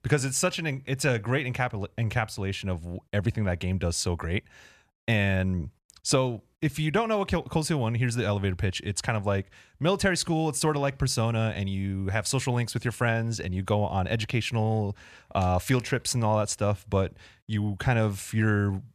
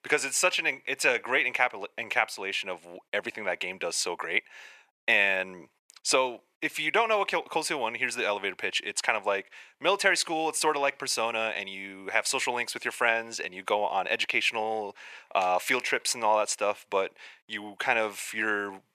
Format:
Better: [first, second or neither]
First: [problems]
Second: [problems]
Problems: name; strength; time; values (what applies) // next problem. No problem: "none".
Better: first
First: none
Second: thin; very; fading below 400 Hz